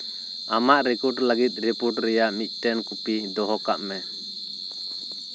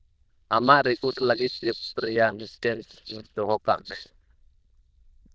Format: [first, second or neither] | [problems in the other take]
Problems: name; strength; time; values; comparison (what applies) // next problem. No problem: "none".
first | noise reduction (neural diffusion model UNIVERSE++)